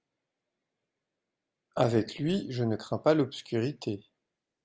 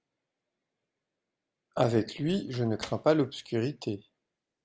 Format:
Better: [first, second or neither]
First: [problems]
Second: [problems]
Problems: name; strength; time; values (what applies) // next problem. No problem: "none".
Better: first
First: none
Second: background sound (Slam); 17 dB below the speech